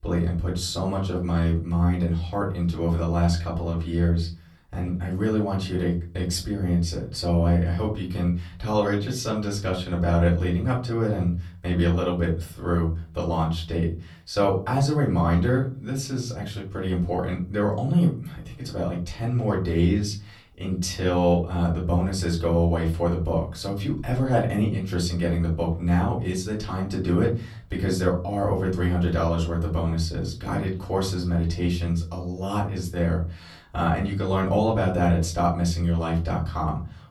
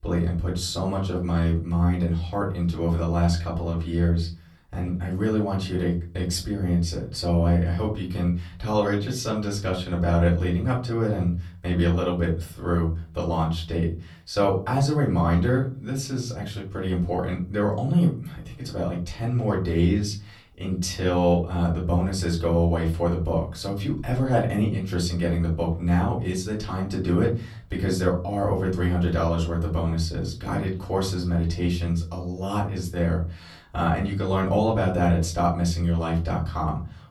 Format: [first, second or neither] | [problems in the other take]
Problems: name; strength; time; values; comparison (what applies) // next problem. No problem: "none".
neither | off-mic speech; far; the same in both // room echo; very slight; dies away in 0.4 s; the same in both